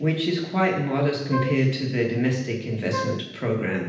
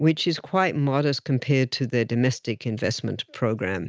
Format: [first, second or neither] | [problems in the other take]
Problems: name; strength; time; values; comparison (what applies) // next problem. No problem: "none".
second | background sound (Wind instrument, woodwind instrument); 9 dB below the speech // room echo; dies away in 0.9 s